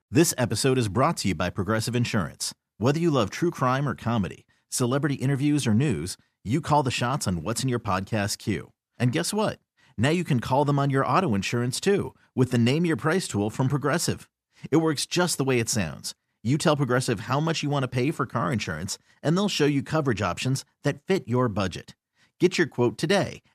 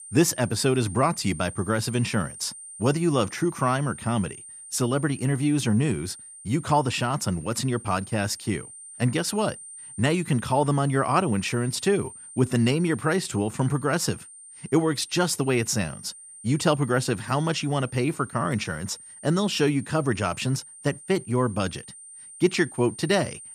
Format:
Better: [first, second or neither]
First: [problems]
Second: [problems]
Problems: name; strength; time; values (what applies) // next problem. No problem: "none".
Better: first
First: none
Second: high-pitched whine; noticeable; throughout; 9 kHz, 15 dB below the speech